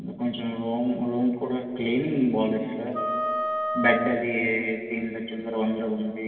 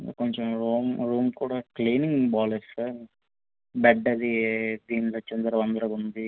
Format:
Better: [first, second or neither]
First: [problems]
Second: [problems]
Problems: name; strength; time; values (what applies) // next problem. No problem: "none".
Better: second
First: background sound (Wind instrument, woodwind instrument); 4 dB below the speech // room echo; dies away in 2.6 s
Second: none